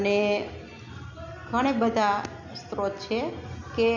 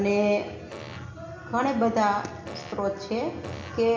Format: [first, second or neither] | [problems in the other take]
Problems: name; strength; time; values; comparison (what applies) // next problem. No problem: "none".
first | background sound (Fart); 16 dB below the speech // room echo; dies away in 1.2 s